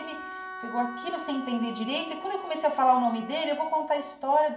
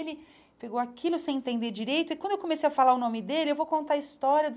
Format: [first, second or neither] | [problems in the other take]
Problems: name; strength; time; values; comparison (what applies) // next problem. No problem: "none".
second | background sound (Wind instrument, woodwind instrument); 13 dB below the speech // room echo; dies away in 0.8 s